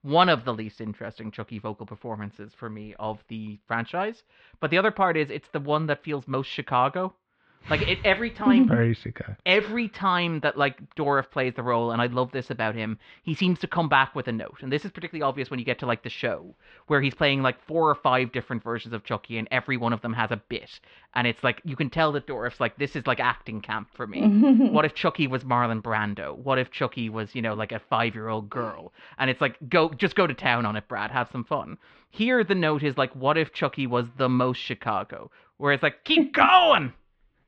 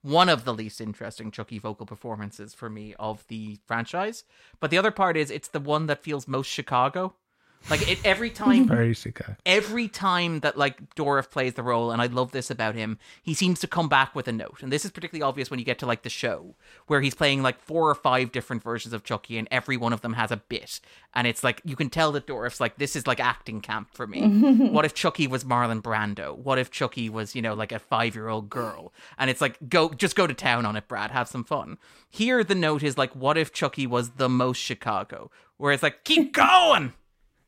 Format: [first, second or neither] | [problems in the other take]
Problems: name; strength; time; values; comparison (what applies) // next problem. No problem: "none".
second | muffled; slightly; fading above 3.5 kHz